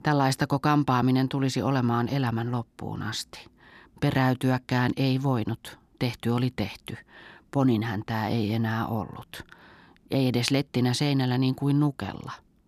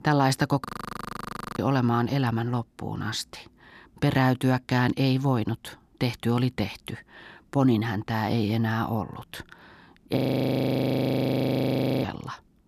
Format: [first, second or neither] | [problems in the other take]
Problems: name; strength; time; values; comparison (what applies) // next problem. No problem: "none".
first | audio freezing; at 0.5 s for 1 s and at 10 s for 2 s